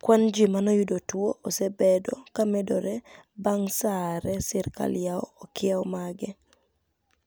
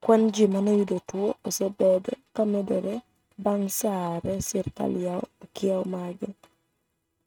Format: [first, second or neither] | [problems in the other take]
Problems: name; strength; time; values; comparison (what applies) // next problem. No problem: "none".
first | noise reduction (neural mask model RNNoise)